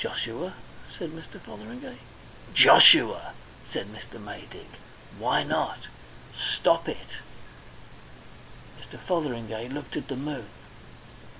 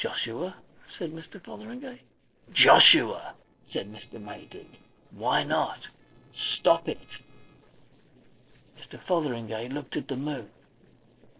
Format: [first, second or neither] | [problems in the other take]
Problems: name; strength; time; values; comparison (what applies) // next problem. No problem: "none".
first | noise reduction (neural separator model SepFormer DNS4)